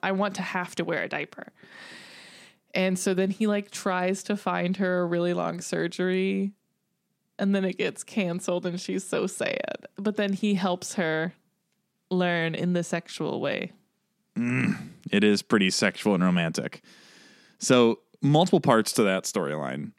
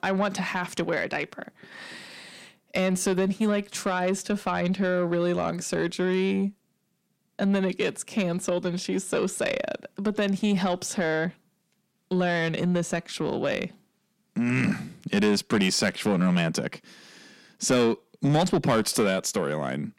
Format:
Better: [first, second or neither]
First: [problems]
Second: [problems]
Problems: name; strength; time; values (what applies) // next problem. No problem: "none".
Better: first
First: none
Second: distortion; slight; 10 dB below the speech